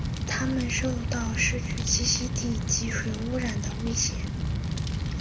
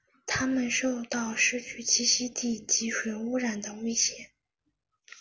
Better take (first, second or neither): second